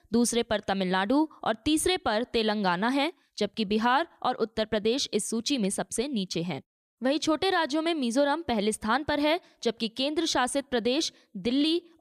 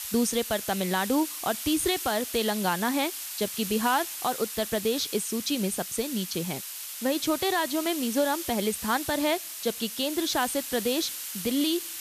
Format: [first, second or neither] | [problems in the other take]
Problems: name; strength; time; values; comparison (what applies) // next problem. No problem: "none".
first | hiss; loud; throughout; 6 dB below the speech